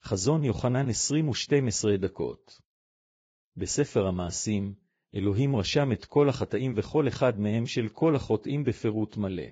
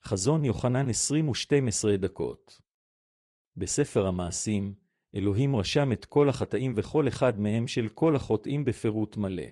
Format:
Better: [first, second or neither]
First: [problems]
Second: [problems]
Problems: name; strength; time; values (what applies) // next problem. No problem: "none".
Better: second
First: garbled, watery; badly; nothing above 7.5 kHz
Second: garbled, watery; slightly